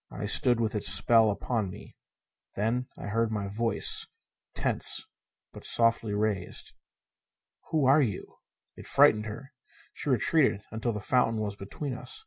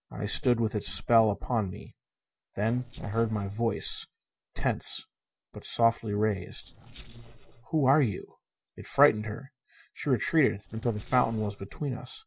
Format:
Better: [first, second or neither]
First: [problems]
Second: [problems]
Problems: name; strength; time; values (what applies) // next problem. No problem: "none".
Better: first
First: none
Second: noise reduction (neural separator model SepFormer DNS4)